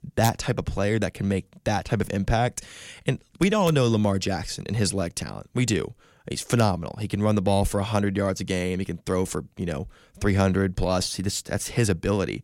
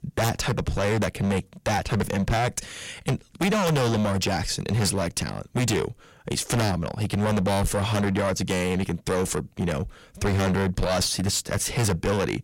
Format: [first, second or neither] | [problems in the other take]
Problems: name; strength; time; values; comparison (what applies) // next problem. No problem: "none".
first | distortion; heavy; 19% of the sound clipped